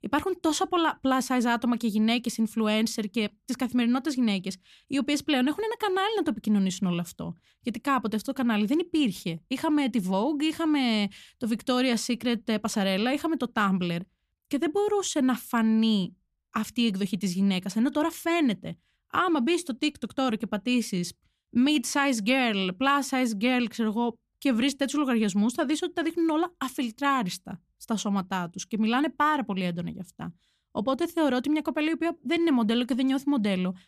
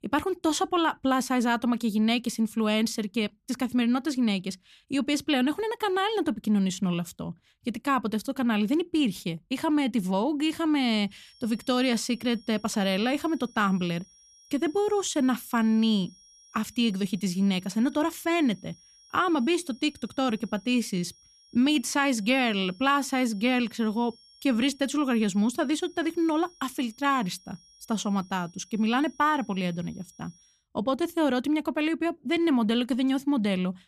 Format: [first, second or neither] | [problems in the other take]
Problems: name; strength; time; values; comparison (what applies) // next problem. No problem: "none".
first | high-pitched whine; faint; from 11 to 31 s; 5.5 kHz, 25 dB below the speech